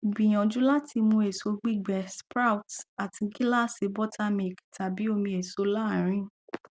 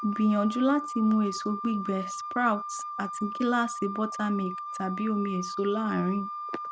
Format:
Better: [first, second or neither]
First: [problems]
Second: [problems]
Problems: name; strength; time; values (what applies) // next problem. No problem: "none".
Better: first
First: none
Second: background sound (Wind instrument, woodwind instrument); 8 dB below the speech